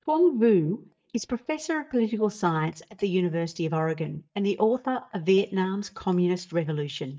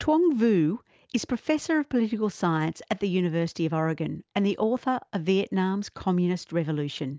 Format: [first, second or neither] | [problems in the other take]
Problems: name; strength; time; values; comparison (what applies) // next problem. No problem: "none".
second | noise reduction (neural mask model DeepFilterNet 3)